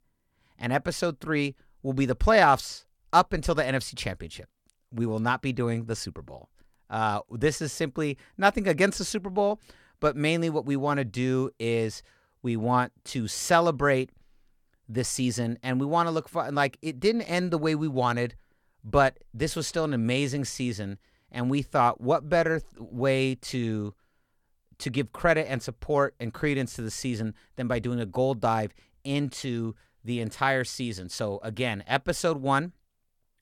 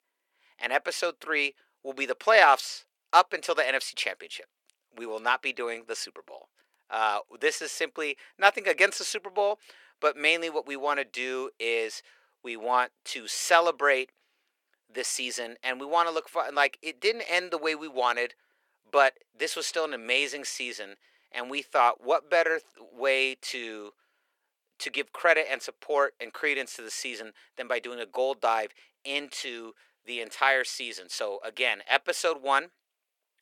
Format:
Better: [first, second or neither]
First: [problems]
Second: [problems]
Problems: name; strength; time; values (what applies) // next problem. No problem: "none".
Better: first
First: none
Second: thin; very; fading below 400 Hz